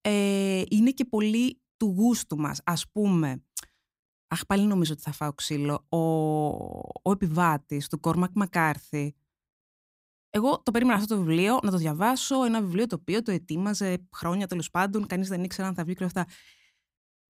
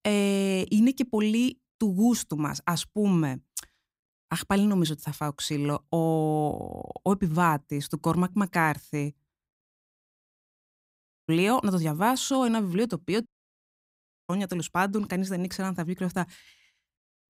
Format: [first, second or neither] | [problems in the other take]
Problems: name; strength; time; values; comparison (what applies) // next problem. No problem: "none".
first | audio cutting out; at 10 s for 1 s and at 13 s for 1 s